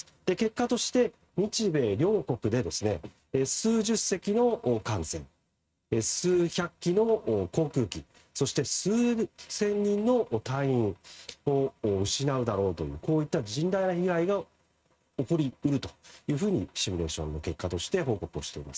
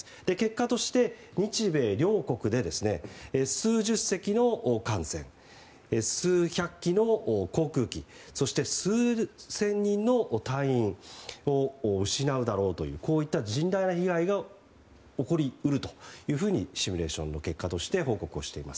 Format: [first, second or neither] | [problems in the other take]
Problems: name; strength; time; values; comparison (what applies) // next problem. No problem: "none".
second | noise reduction (neural mask model RNNoise)